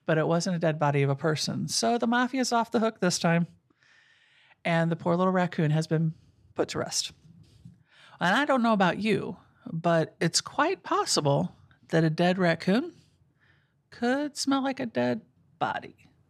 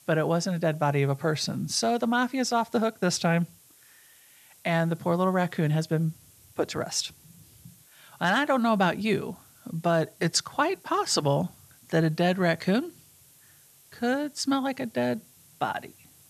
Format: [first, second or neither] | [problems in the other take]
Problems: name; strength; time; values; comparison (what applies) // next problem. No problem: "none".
first | hiss; faint; throughout; 25 dB below the speech